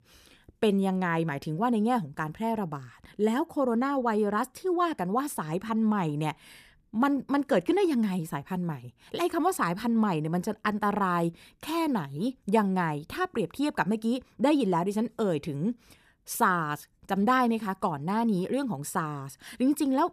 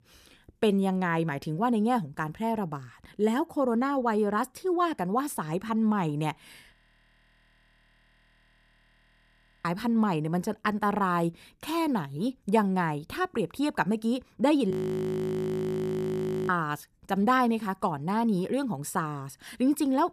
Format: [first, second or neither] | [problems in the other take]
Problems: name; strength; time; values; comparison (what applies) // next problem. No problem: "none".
first | audio freezing; at 6.5 s for 3 s and at 15 s for 2 s